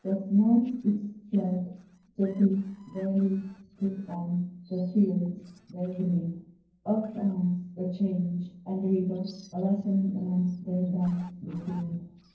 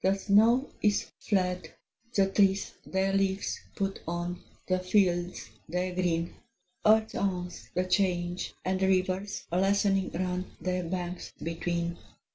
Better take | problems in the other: second | noise reduction (neural separator model SepFormer DNS4)

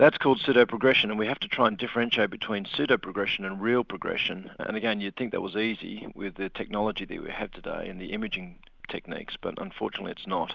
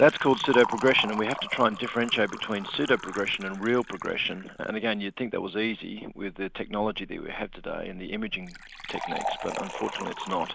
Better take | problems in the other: first | background sound (Liquid); 11 dB below the speech

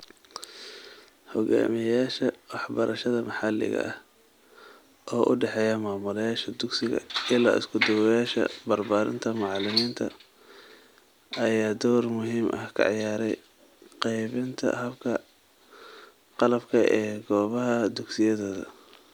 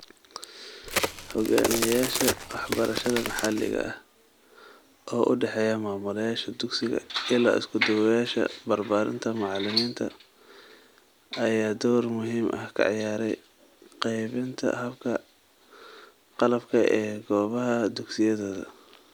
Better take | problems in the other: first | background sound (Crack); 4 dB below the speech

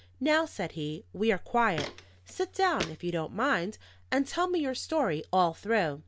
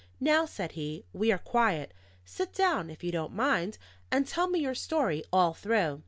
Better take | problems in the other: second | background sound (Walk, footsteps); 12 dB below the speech

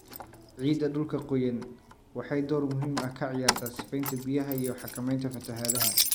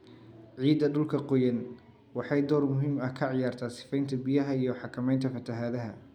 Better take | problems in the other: second | background sound (Keys jangling); 3 dB below the speech

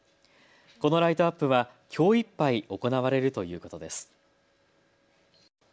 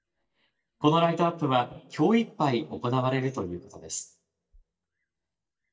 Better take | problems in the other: first | noise reduction (neural mask model DeepFilterNet 3)

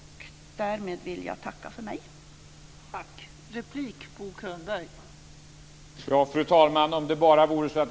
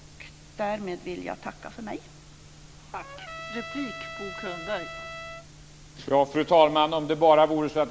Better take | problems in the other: first | background sound (Trumpet); 13 dB below the speech

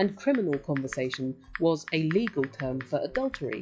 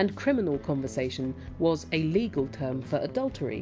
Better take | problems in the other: second | noise reduction (classical method log-MMSE)

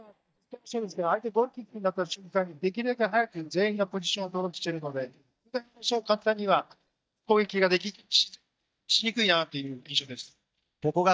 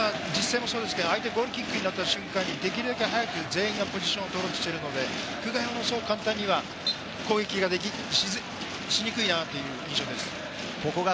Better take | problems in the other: second | noise reduction (neural mask model DeepFilterNet 3)

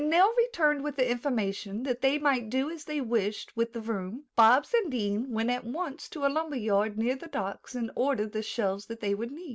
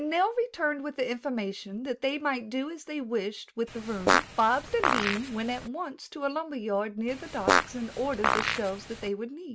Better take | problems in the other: first | background sound (Fart); 2 dB above the speech

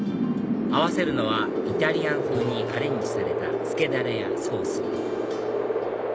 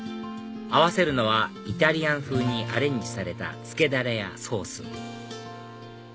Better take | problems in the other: second | background sound (Wind); 4 dB above the speech

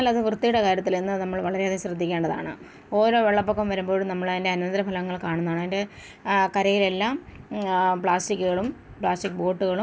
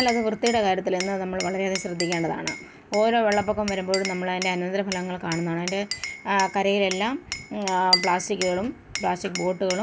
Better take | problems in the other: first | background sound (Glass); 8 dB below the speech

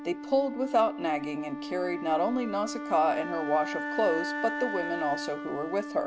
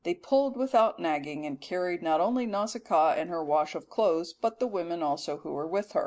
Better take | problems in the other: second | background sound (Wind instrument, woodwind instrument); 6 dB below the speech

